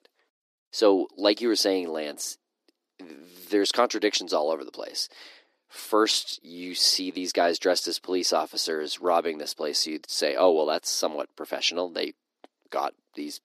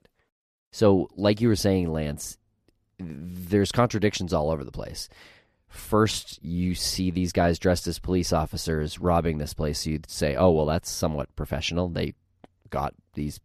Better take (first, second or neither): second